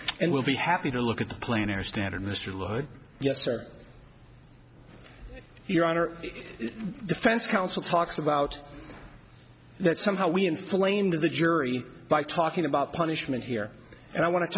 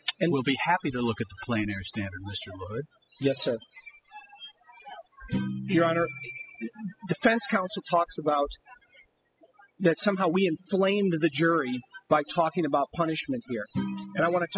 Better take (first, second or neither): first